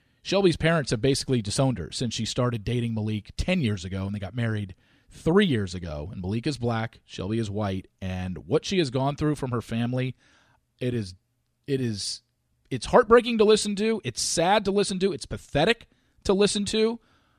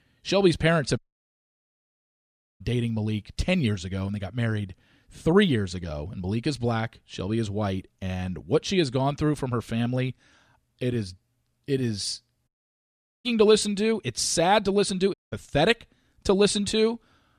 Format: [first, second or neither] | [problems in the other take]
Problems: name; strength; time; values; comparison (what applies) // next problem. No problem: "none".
first | audio cutting out; at 1 s for 1.5 s, at 12 s for 1 s and at 15 s